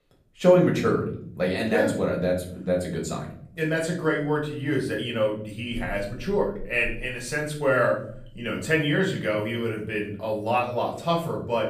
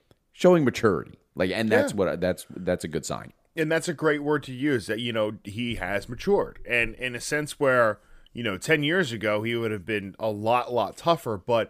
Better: second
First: room echo; slight; dies away in 0.7 s // off-mic speech; far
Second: none

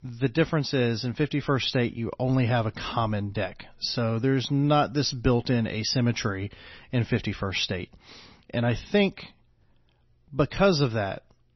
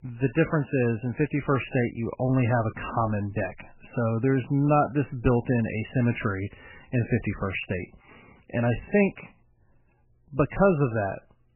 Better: first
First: garbled, watery; slightly; nothing above 6 kHz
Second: garbled, watery; badly; nothing above 3 kHz

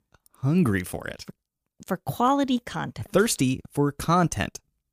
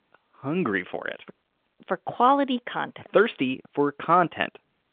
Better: first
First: none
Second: phone-call audio

